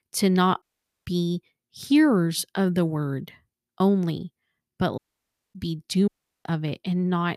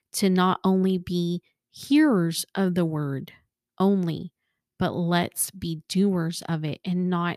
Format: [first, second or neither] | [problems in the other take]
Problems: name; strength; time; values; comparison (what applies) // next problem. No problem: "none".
second | audio cutting out; at 0.5 s, at 5 s for 0.5 s and at 6 s